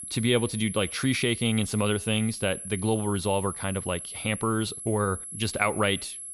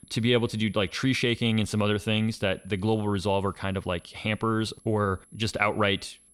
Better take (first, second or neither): second